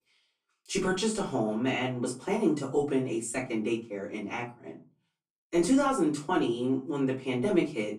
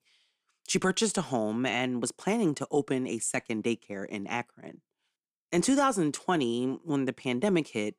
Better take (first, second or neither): second